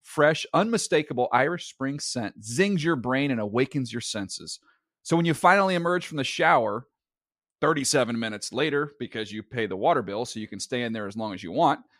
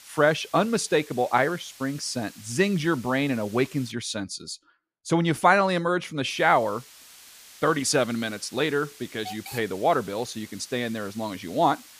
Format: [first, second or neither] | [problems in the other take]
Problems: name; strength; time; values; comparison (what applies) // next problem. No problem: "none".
first | hiss; noticeable; until 4 s and from 6.5 s on; 20 dB below the speech